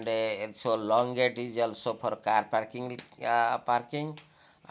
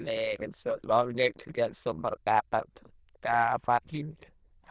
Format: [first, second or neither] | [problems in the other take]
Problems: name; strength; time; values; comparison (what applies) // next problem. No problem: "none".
first | noise reduction (neural diffusion model UNIVERSE++)